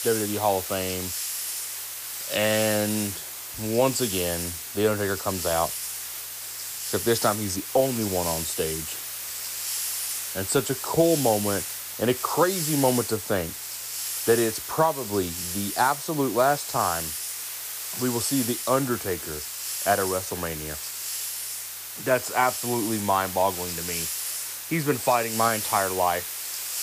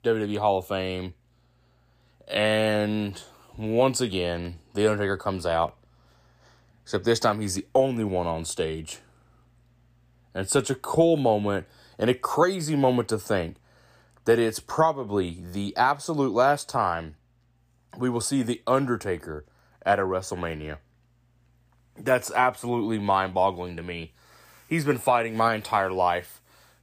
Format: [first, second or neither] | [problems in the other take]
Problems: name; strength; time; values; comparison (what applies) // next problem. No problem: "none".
second | hiss; loud; throughout; 4 dB below the speech